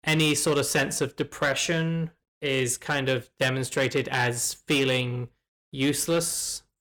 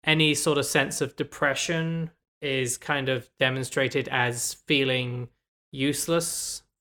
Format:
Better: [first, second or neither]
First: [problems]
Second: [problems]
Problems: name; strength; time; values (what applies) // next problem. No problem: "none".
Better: second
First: distortion; slight; 5% of the sound clipped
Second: none